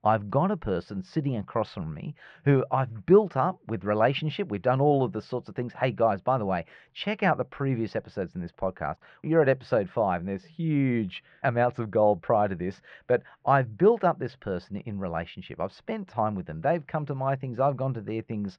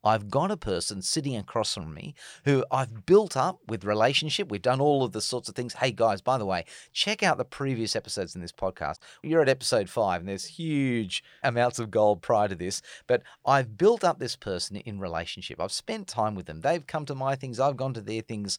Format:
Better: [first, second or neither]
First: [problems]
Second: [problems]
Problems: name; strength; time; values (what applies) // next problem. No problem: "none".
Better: second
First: muffled; very; fading above 2 kHz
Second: none